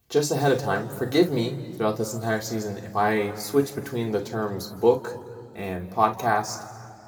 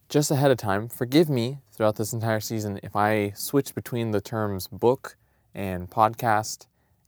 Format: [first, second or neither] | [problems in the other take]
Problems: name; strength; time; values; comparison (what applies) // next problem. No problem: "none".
second | room echo; slight; dies away in 1.8 s // off-mic speech; somewhat distant